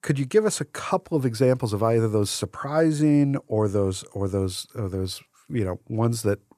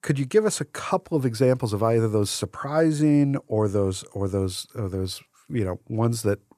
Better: neither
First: none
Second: none

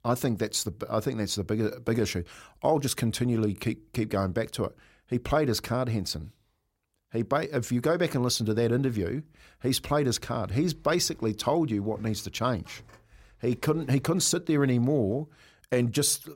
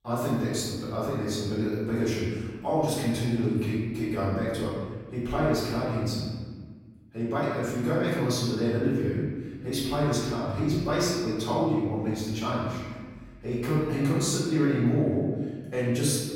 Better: first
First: none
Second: room echo; strong; dies away in 1.5 s // off-mic speech; far

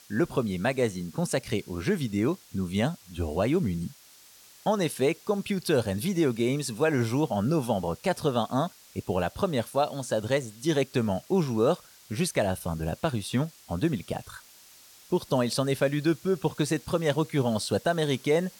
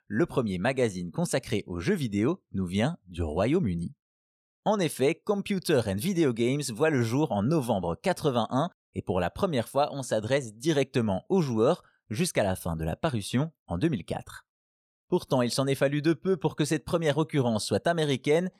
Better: second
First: hiss; faint; throughout; 25 dB below the speech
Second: none

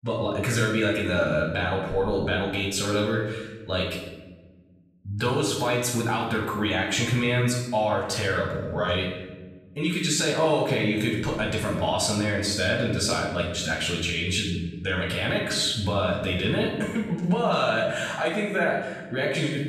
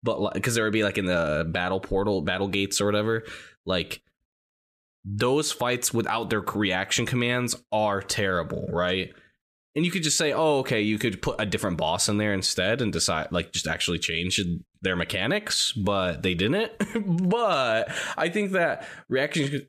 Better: second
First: off-mic speech; far // room echo; noticeable; dies away in 1 s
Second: none

